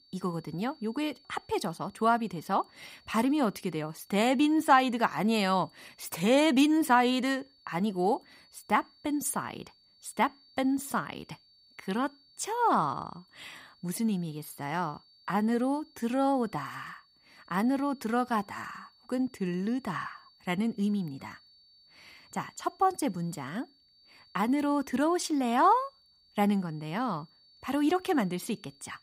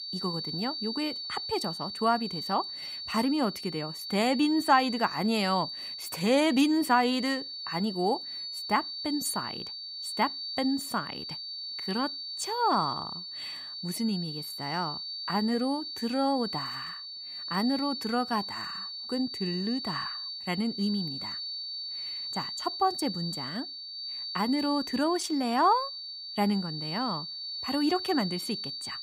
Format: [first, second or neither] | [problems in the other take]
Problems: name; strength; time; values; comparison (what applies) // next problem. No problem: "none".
first | high-pitched whine; loud; throughout; 4.5 kHz, 5 dB below the speech; faint in the first